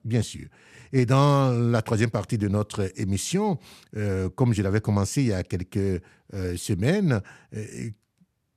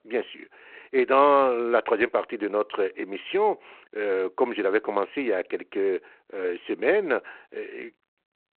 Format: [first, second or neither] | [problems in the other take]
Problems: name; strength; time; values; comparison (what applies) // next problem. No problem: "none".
first | phone-call audio